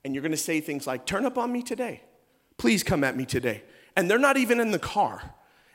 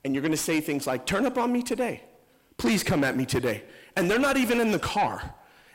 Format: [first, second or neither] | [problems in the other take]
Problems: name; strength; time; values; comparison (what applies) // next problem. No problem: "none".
first | distortion; heavy; 7 dB below the speech